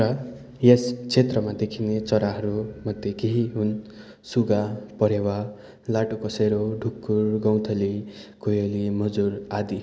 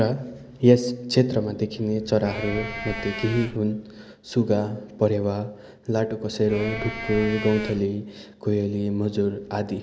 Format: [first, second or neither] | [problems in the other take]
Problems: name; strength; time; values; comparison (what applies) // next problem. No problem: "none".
first | background sound (Livestock, farm animals, working animals); 9 dB below the speech